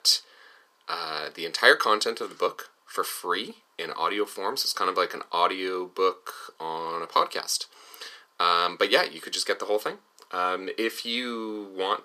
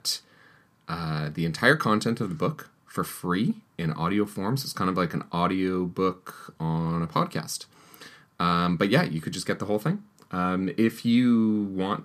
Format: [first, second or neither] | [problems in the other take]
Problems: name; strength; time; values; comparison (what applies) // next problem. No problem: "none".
second | thin; very; fading below 400 Hz